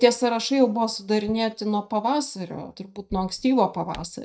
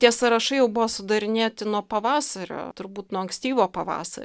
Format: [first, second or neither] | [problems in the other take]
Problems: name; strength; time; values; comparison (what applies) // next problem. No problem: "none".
second | noise reduction (neural mask model DeepFilterNet 3)